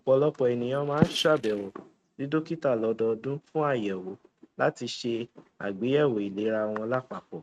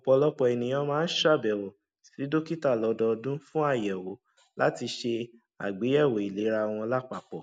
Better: second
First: noise reduction (neural mask model RNNoise)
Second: none

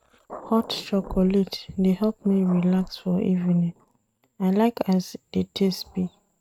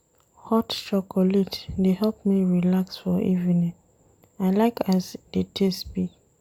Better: second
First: noise reduction (neural mask model RNNoise)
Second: none

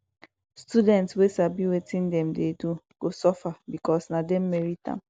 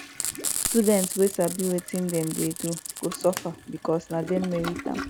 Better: first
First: none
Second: background sound (Frying (food) + Toilet flush); 7 dB below the speech

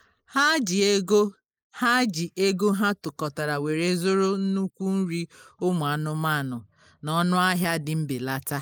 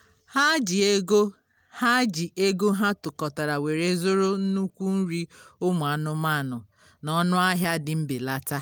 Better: second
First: noise reduction (neural mask model Resemble Enhance denoiser)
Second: none

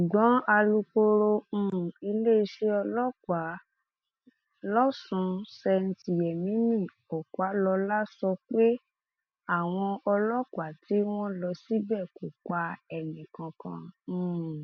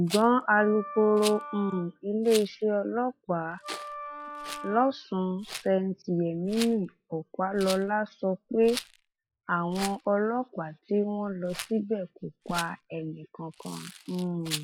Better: first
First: none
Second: noise reduction (classical method log-MMSE)

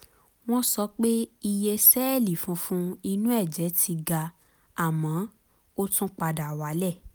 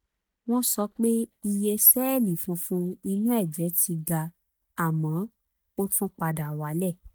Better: first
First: none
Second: noise reduction (neural mask model DeepFilterNet 3)

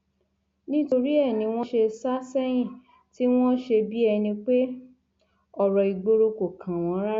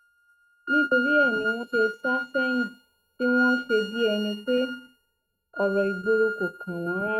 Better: first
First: none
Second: noise reduction (neural mask model RNNoise)

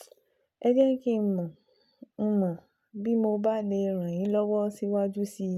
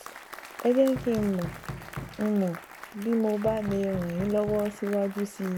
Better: first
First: none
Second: background sound (Knock + Applause); 12 dB below the speech

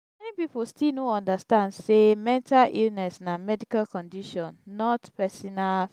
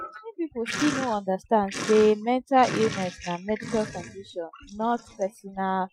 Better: first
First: none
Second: noise reduction (classical method Wiener filter)

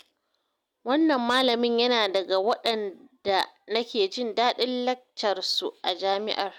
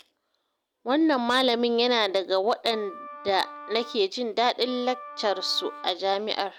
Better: first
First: none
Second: background sound (Wind instrument, woodwind instrument); 16 dB below the speech

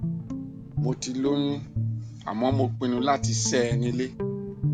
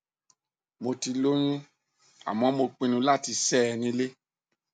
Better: second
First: background sound (Guitar); 1 dB below the speech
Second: none

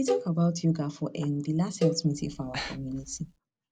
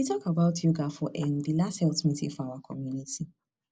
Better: second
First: background sound (Breathing + Cowbell); 7 dB below the speech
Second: none

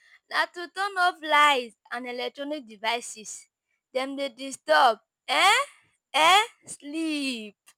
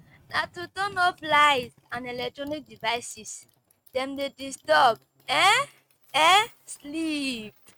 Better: first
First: none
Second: noise reduction (neural mask model RNNoise)

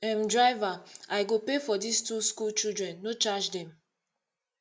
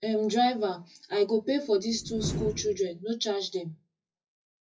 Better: first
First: none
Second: noise reduction (classical method WPE with log-MMSE)

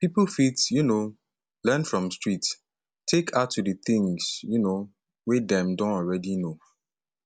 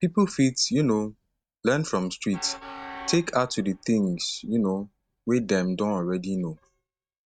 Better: first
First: none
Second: noise reduction (neural mask model RNNoise)

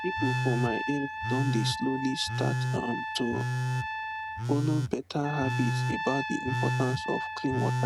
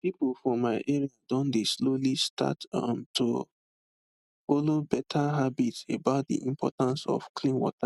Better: second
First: background sound (Telephone + Trumpet); 1 dB above the speech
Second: none

